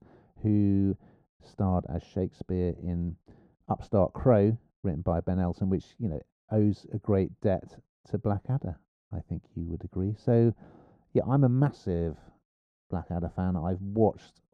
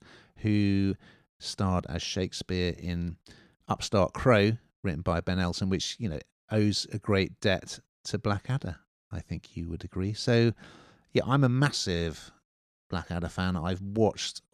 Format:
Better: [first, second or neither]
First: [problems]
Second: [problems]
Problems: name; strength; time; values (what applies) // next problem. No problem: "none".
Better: second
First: muffled; very; fading above 1.5 kHz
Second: none